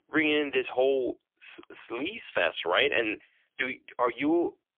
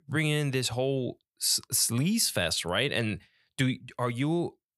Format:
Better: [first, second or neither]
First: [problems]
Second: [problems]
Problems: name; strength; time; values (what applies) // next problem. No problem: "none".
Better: second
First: phone-call audio; poor line; nothing above 3.5 kHz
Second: none